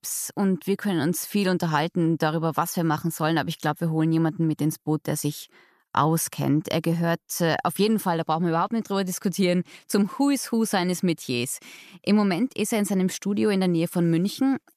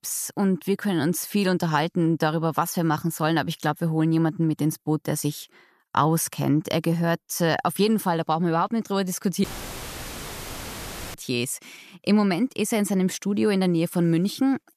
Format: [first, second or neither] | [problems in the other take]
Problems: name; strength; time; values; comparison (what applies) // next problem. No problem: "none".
first | audio cutting out; filled with static; at 9.5 s for 1.5 s